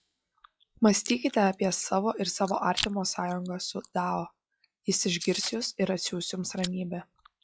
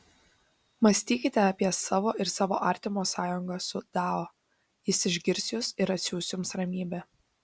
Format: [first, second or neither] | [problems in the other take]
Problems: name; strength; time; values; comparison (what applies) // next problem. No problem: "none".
second | noise reduction (classical method log-MMSE)